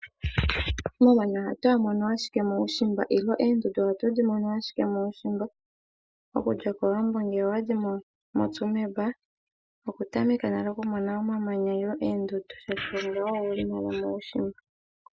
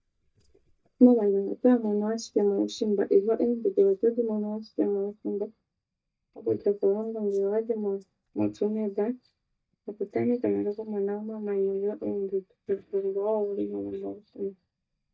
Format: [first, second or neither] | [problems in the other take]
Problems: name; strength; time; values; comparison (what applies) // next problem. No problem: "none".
first | noise reduction (neural mask model DeepFilterNet 3)